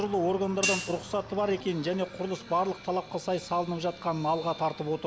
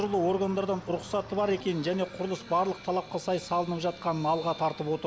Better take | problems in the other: second | background sound (Hi-hat); 7 dB below the speech

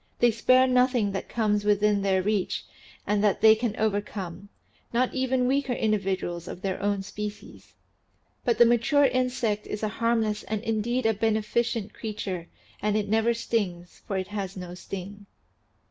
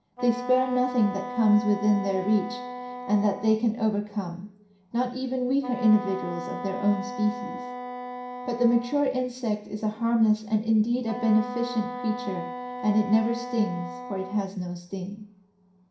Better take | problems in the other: first | background sound (Wind instrument, woodwind instrument); 11 dB below the speech // room echo; dies away in 0.5 s

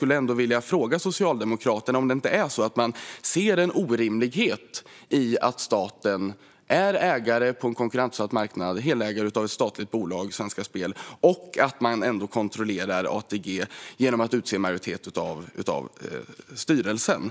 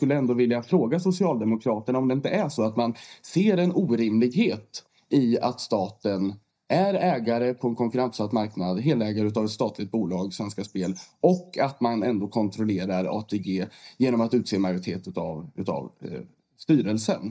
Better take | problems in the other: first | noise reduction (neural mask model DeepFilterNet 3)

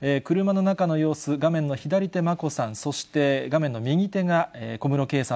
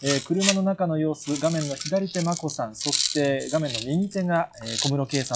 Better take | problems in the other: first | noise reduction (classical method log-MMSE)

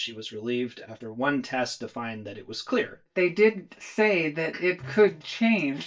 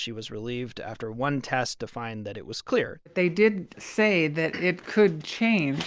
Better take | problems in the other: second | noise reduction (neural mask model DeepFilterNet 3)

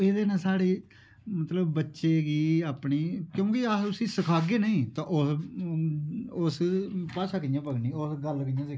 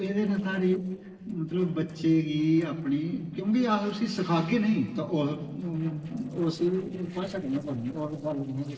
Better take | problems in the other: first | noise reduction (neural separator model SepFormer DNS4)

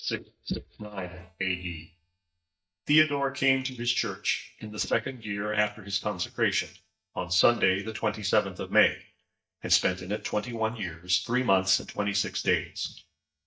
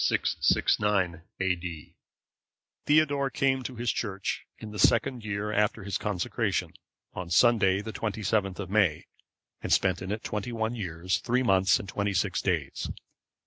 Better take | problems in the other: second | noise reduction (neural mask model DeepFilterNet 3)

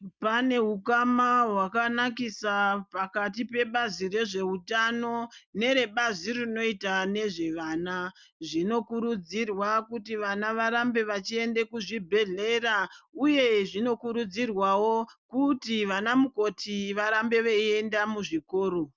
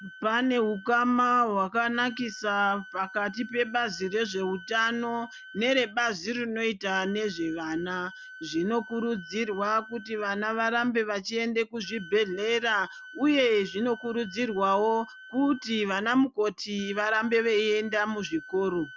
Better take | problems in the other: first | background sound (Wind instrument, woodwind instrument); 19 dB below the speech

